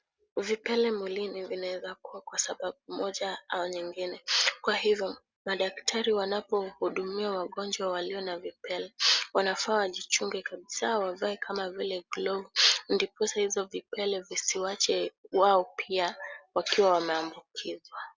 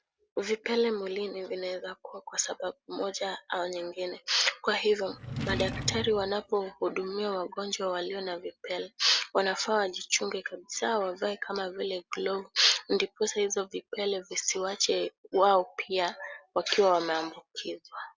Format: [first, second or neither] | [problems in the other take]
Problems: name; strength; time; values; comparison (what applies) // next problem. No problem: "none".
first | background sound (Drawer open or close); 7 dB below the speech